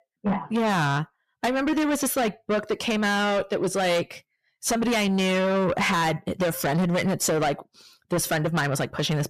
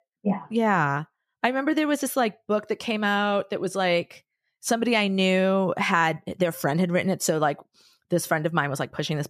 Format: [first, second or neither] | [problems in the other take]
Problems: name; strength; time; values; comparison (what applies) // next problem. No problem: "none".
second | distortion; heavy; 6 dB below the speech